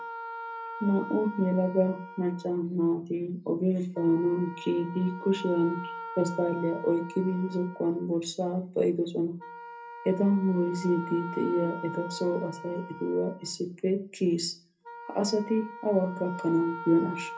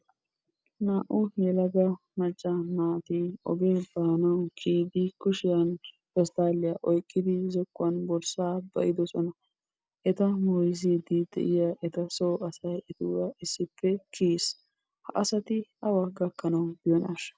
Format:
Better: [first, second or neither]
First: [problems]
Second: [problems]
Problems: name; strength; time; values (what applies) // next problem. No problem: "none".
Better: second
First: background sound (Wind instrument, woodwind instrument); 13 dB below the speech // room echo; dies away in 0.3 s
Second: none